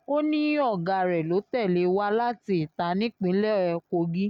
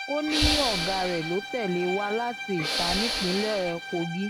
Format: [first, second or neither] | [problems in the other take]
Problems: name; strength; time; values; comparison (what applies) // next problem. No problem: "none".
first | background sound (Bowed string instrument + Hiss / Breathing); 1 dB below the speech